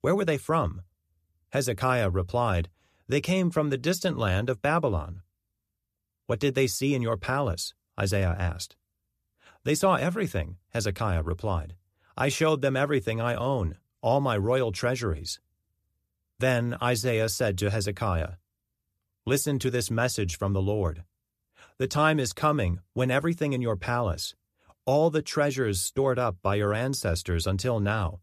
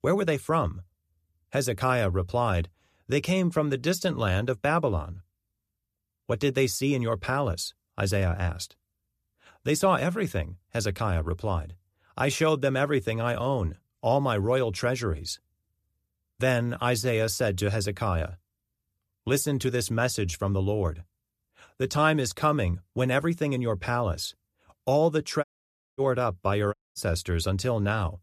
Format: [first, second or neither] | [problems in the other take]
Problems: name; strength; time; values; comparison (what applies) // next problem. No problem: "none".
first | audio cutting out; at 25 s for 0.5 s and at 27 s